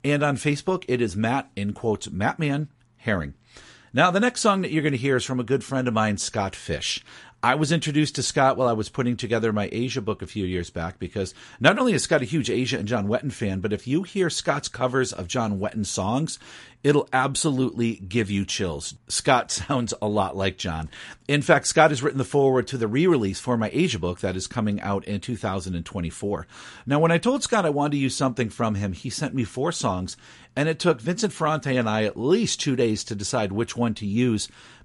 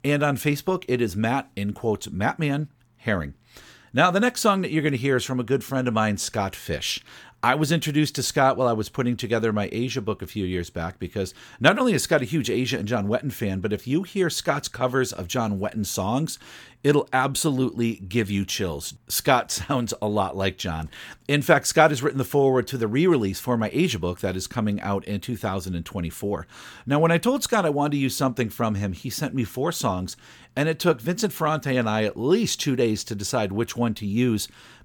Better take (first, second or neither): second